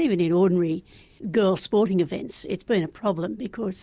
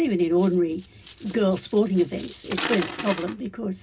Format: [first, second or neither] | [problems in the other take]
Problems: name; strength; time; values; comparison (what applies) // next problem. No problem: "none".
first | background sound (Coin (dropping)); 12 dB below the speech // room echo; dies away in 0.4 s